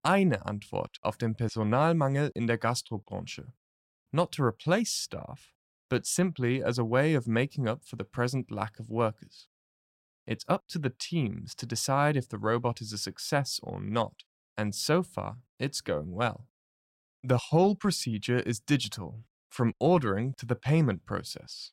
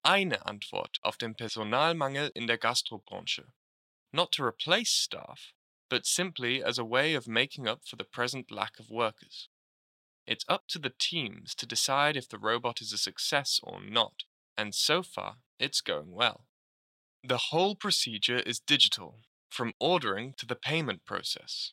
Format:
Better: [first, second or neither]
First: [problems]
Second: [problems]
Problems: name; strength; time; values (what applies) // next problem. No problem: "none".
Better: first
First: none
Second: thin; somewhat; fading below 1 kHz